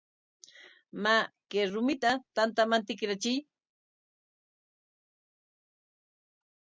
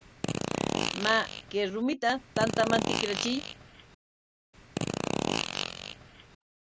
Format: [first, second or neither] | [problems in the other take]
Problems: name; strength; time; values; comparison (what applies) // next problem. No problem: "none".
first | background sound (Fart); as loud as the speech